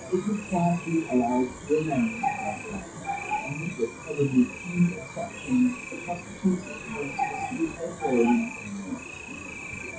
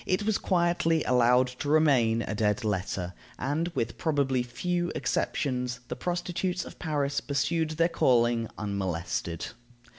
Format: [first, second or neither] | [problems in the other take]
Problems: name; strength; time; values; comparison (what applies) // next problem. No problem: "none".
second | noise reduction (classical method WPE with log-MMSE)